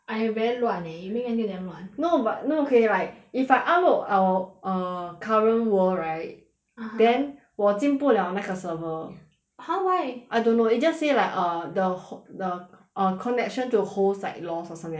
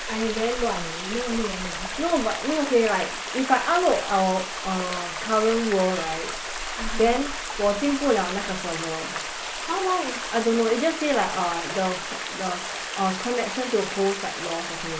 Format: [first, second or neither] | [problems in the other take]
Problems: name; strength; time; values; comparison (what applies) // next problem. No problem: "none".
first | background sound (Stream); 6 dB below the speech